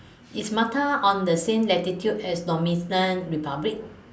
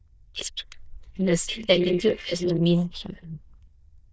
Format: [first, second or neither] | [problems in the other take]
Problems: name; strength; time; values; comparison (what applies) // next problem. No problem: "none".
first | noise reduction (neural diffusion model UNIVERSE++)